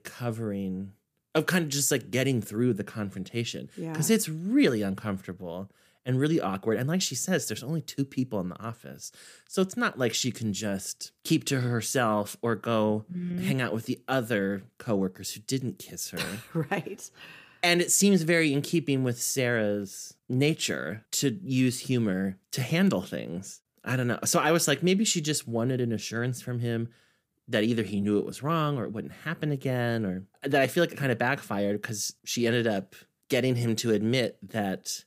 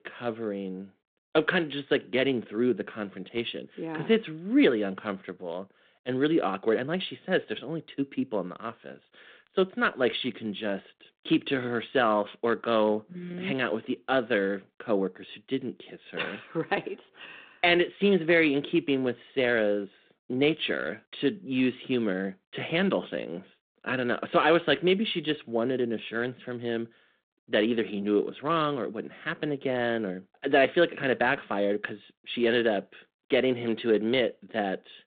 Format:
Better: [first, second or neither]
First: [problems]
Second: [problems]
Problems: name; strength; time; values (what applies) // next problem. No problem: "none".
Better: first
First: none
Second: phone-call audio; nothing above 3.5 kHz